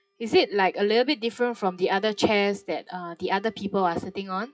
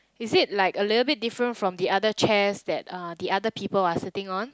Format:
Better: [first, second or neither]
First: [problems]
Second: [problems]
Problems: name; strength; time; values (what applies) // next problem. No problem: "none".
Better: second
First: noise reduction (classical method WPE with log-MMSE)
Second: none